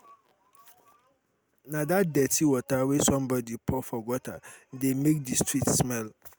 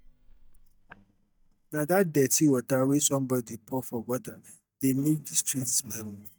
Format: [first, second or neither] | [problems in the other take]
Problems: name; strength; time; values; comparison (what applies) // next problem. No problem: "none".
first | noise reduction (neural mask model DeepFilterNet 3)